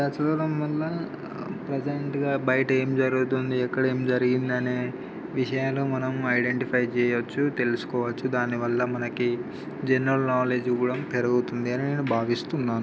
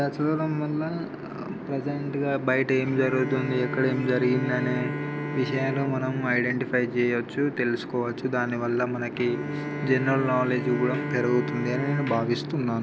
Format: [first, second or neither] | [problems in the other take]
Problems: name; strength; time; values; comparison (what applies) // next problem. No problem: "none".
first | background sound (Bowed string instrument); 8 dB below the speech